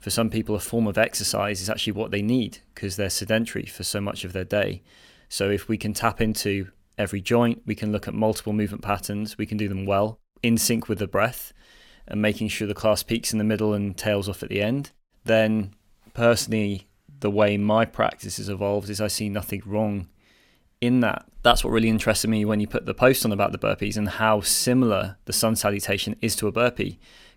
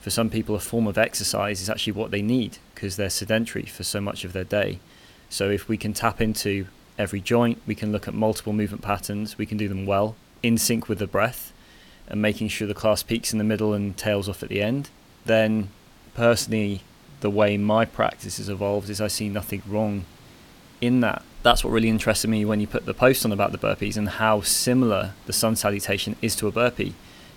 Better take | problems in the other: first | hiss; faint; throughout; 25 dB below the speech

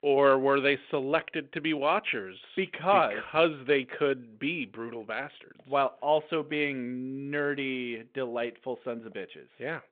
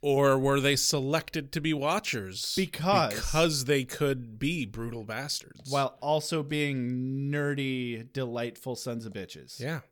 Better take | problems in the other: second | phone-call audio

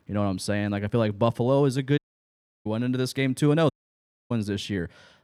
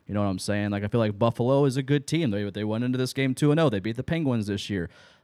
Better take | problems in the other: second | audio cutting out; at 2 s for 0.5 s and at 3.5 s for 0.5 s

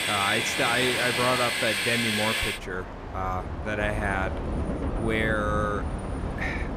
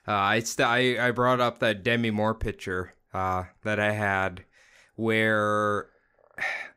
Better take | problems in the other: second | train or aircraft noise; very loud; throughout; 1 dB above the speech

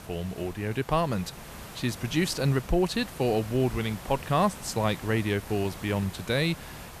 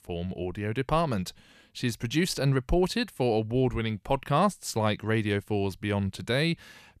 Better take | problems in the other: second | hiss; noticeable; throughout; 15 dB below the speech

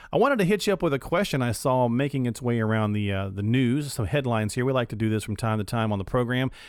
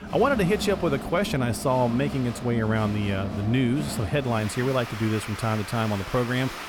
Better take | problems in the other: first | crowd noise; loud; throughout; 9 dB below the speech

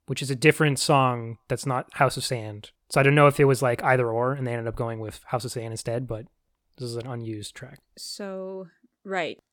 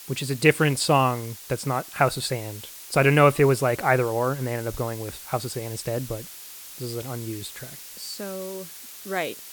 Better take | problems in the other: first | hiss; noticeable; throughout; 15 dB below the speech

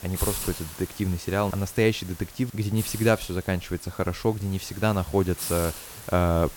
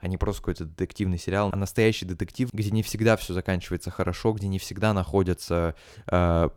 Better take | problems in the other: second | hiss; noticeable; throughout; 10 dB below the speech

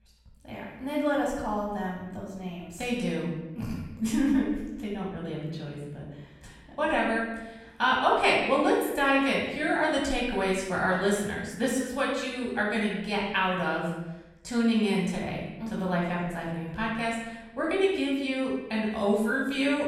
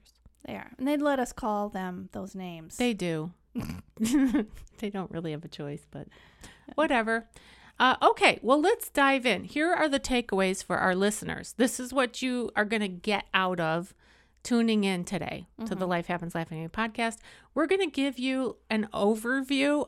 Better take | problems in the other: second | off-mic speech; far // room echo; noticeable; dies away in 1 s

